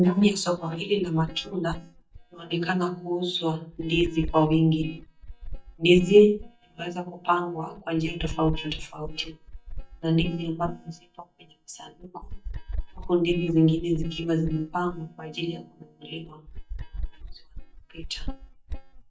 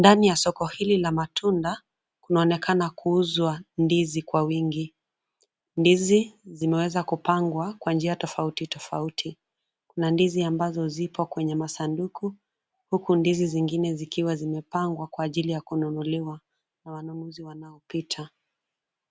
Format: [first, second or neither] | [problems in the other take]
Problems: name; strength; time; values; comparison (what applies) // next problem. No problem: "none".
second | noise reduction (neural mask model DeepFilterNet 3)